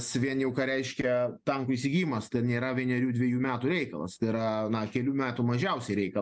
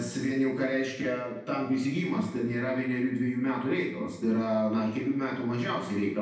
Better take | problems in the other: first | room echo; dies away in 0.9 s

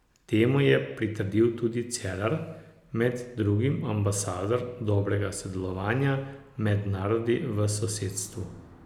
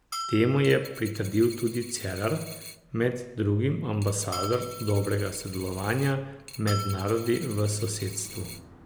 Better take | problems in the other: first | background sound (Coin (dropping) + Bell); 13 dB below the speech

